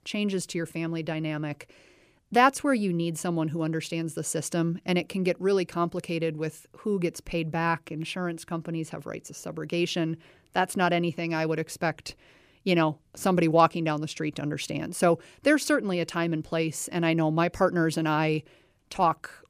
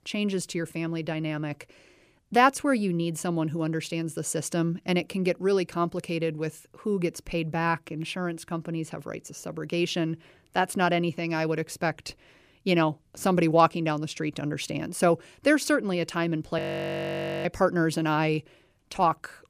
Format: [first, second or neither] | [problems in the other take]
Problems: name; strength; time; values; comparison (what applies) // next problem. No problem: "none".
first | audio freezing; at 17 s for 1 s